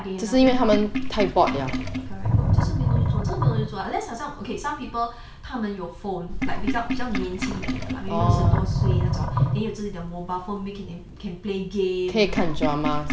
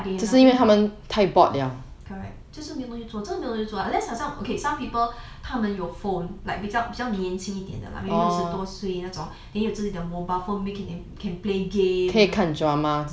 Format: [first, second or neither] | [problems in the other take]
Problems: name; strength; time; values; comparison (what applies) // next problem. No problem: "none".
second | background sound (Sink (filling or washing)); 1 dB above the speech